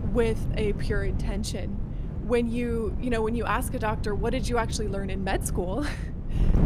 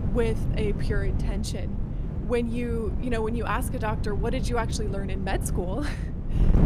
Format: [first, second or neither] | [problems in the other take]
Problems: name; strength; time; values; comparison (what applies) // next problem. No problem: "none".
first | wind noise on the microphone; heavy; 10 dB below the speech; occasional gusts in the first